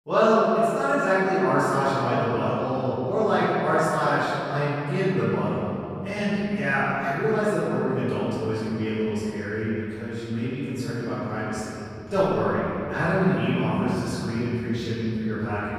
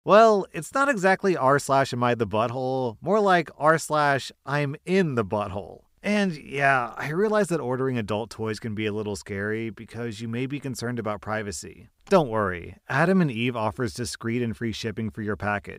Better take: second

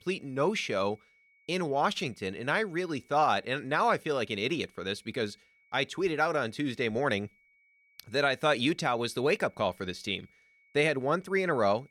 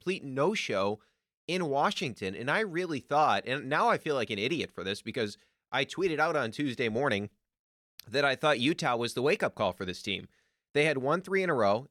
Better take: second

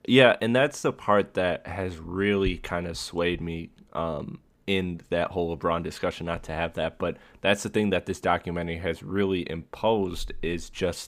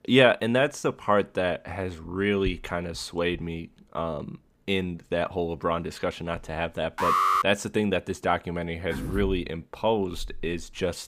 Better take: first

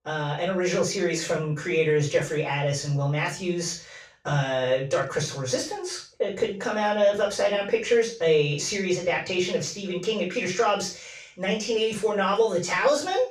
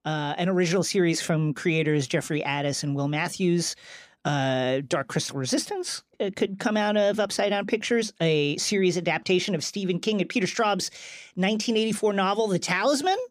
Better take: second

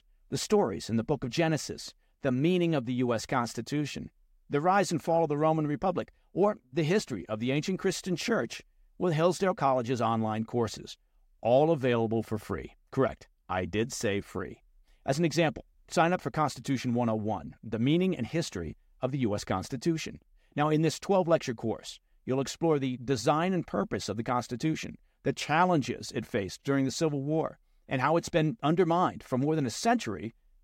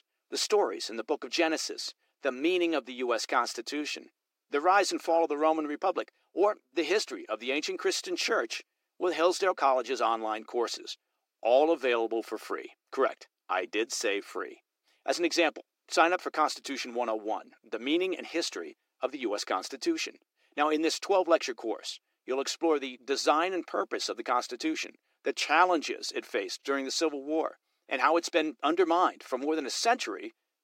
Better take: first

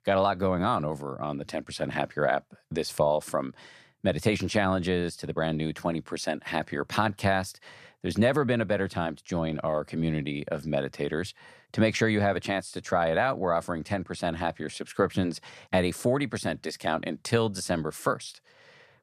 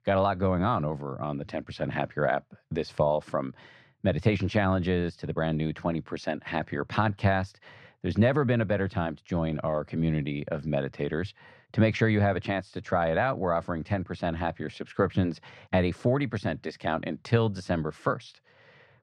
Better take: first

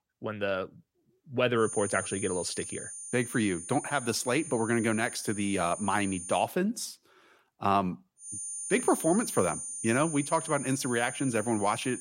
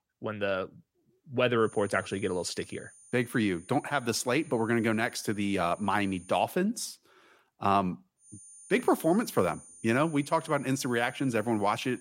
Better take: second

